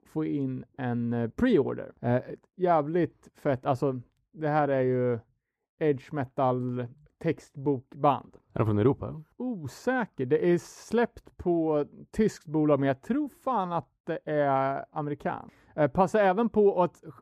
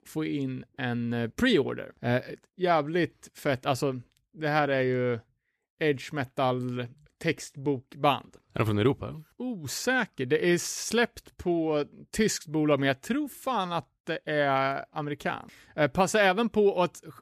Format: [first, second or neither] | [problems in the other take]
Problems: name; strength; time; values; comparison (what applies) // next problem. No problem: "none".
second | muffled; slightly; fading above 1.5 kHz